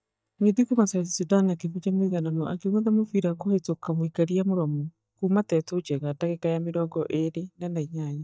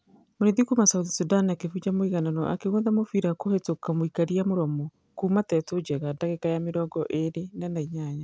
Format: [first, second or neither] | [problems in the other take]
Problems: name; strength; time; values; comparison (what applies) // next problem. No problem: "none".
second | noise reduction (neural mask model DeepFilterNet 3)